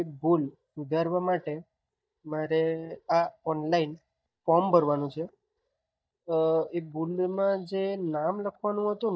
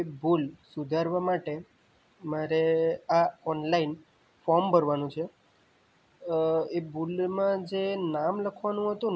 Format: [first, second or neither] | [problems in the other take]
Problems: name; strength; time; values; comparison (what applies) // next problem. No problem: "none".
second | noise reduction (neural mask model DeepFilterNet 3)